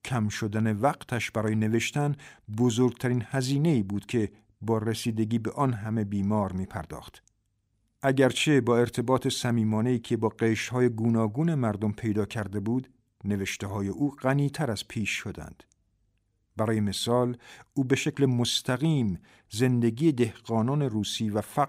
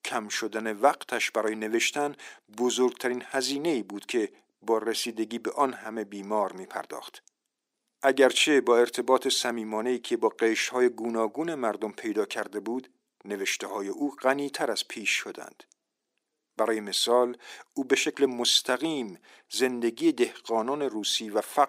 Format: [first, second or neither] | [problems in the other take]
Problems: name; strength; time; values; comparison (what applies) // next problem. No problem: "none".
first | thin; somewhat; fading below 350 Hz